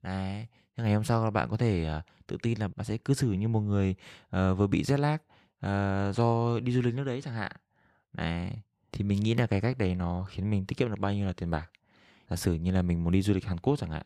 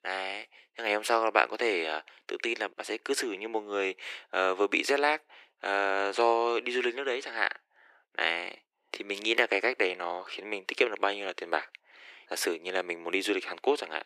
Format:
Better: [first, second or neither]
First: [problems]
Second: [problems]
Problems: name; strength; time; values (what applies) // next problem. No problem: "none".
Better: first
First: none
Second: thin; very; fading below 350 Hz